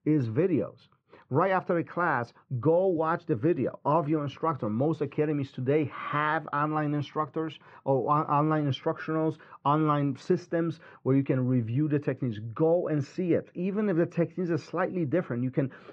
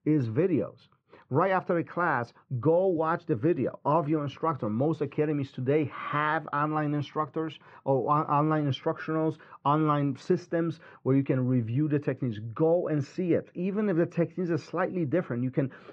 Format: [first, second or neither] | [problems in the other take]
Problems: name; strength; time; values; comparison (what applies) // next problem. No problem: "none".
neither | muffled; very; fading above 2 kHz; the same in both